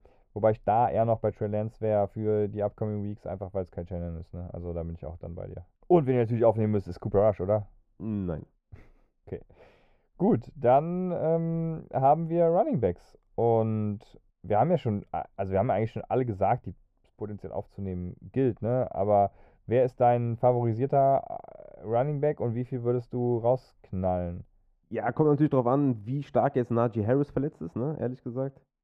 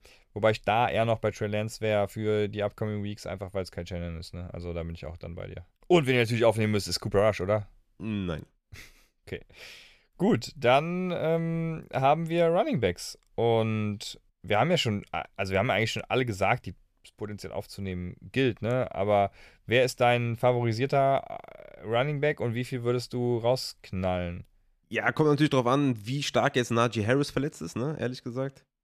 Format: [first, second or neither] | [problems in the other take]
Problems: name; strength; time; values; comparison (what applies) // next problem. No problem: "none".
second | muffled; very; fading above 2 kHz